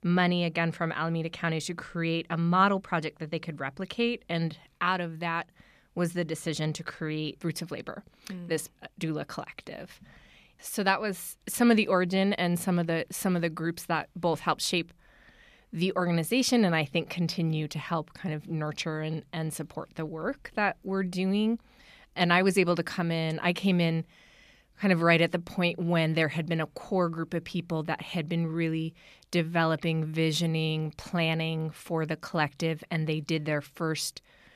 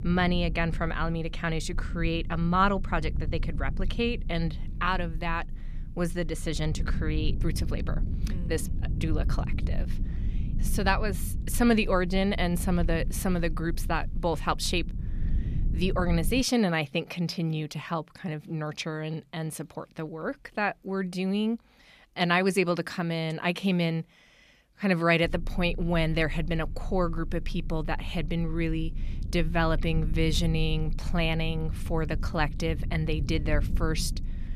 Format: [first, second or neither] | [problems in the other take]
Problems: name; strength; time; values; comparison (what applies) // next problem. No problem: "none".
first | low rumble; noticeable; until 16 s and from 25 s on; 20 dB below the speech